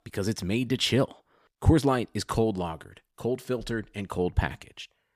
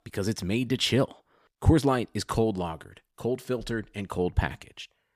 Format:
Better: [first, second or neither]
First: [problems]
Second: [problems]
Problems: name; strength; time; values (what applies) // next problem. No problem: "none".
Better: neither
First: none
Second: none